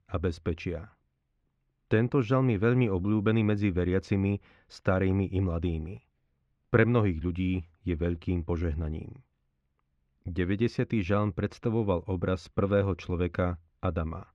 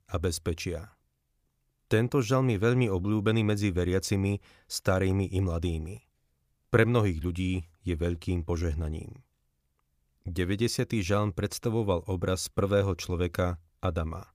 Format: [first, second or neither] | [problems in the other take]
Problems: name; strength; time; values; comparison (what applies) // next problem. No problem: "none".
second | muffled; slightly; fading above 2.5 kHz